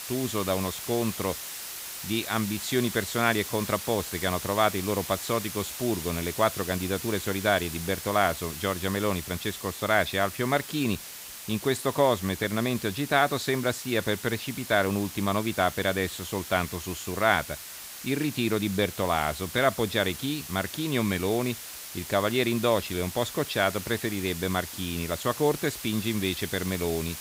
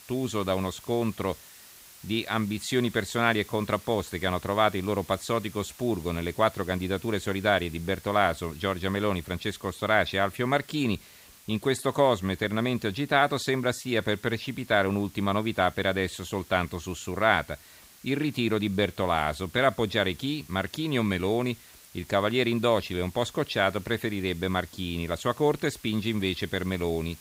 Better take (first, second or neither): second